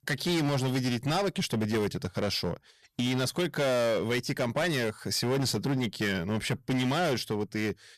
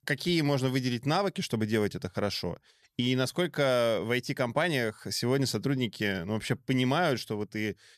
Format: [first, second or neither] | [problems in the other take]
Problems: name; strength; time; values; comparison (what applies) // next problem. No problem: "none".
second | distortion; heavy; 18% of the sound clipped